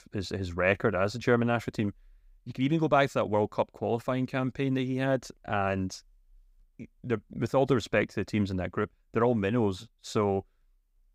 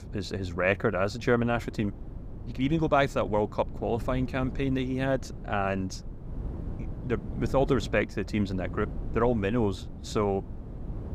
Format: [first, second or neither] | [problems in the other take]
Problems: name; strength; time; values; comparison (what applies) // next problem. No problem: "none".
first | wind noise on the microphone; occasional gusts; 20 dB below the speech